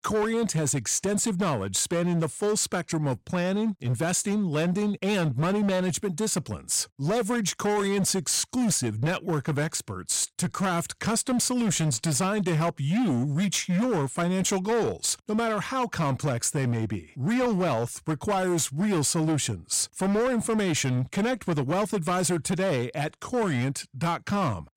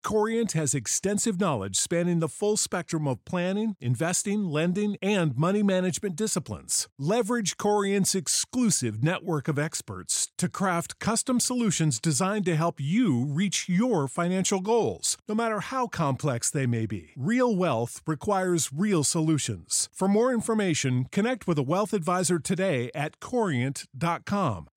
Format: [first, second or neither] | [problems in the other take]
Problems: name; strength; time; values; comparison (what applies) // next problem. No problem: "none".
second | distortion; slight; 18% of the sound clipped